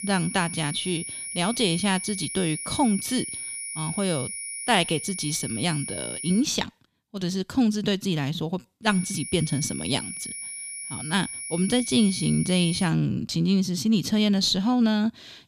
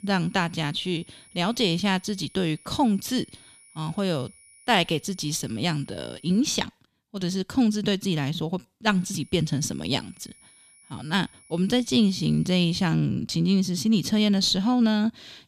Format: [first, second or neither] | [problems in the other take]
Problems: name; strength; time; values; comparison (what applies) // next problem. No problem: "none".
second | high-pitched whine; loud; until 6.5 s and from 9 to 13 s; 10.5 kHz, 7 dB below the speech; faint in the second